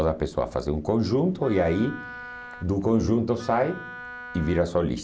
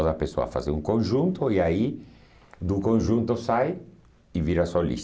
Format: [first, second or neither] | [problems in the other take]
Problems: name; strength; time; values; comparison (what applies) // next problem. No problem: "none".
second | background sound (Wind instrument, woodwind instrument); 16 dB below the speech